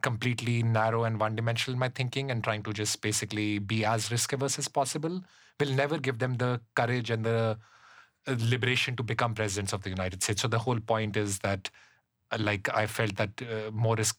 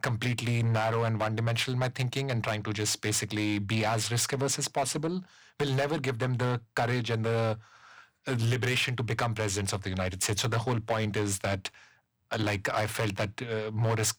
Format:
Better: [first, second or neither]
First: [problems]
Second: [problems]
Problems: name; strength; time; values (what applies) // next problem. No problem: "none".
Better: first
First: none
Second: distortion; slight; 9% of the sound clipped